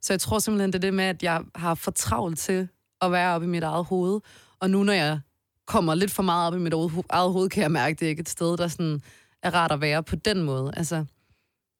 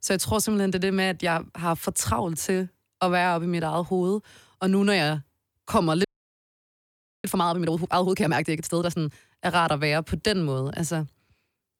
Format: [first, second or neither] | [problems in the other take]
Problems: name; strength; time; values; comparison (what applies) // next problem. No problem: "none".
first | audio freezing; at 6 s for 1 s